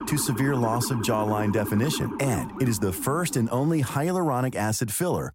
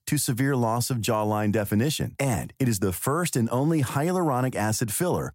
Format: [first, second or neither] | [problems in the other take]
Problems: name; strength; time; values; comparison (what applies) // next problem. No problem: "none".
second | siren; noticeable; until 4 s; peak 7 dB below the speech